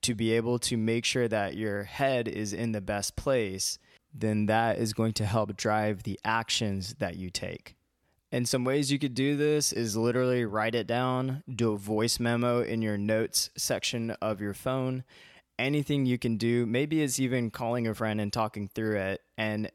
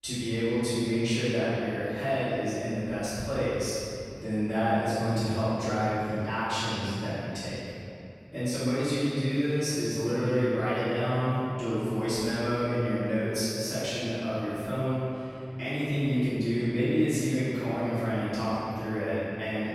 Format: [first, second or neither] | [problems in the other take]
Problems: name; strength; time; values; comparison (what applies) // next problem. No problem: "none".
first | off-mic speech; far // room echo; strong; dies away in 2.6 s